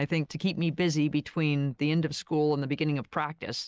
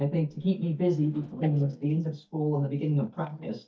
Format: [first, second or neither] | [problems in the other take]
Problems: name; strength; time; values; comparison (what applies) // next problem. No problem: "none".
first | noise reduction (neural mask model DeepFilterNet 3)